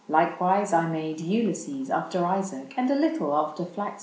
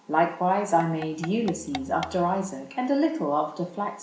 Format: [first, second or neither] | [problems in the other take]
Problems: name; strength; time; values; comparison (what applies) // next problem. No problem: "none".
first | background sound (Tap / Percussion); 15 dB below the speech // room echo; dies away in 0.3 s